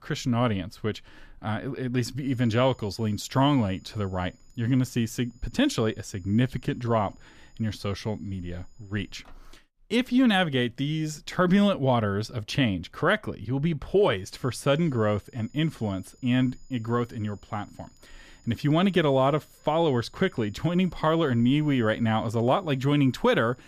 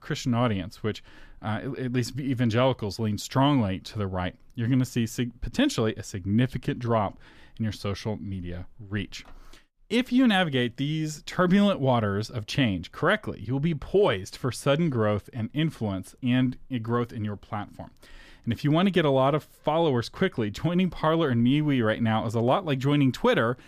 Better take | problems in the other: second | high-pitched whine; faint; from 2.5 to 9 s and from 14 s on; 7 kHz, 35 dB below the speech

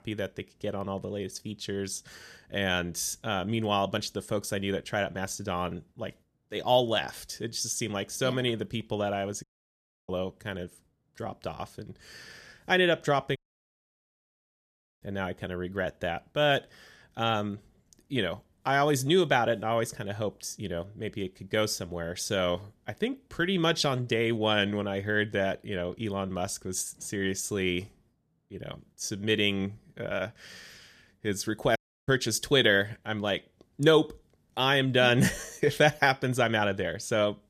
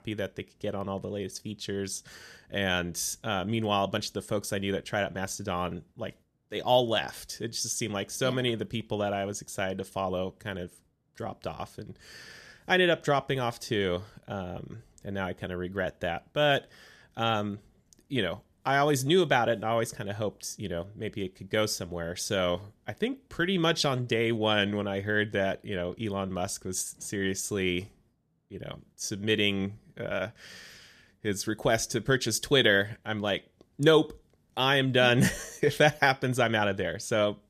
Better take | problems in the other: second | audio cutting out; at 9.5 s for 0.5 s, at 13 s for 1.5 s and at 32 s

